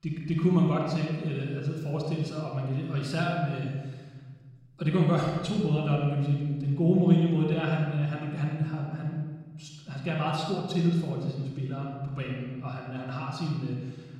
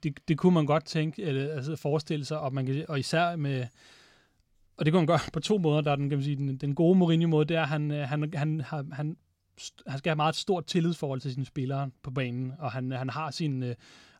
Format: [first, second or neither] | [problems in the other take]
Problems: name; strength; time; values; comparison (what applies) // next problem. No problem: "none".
second | off-mic speech; far // room echo; noticeable; dies away in 1.2 s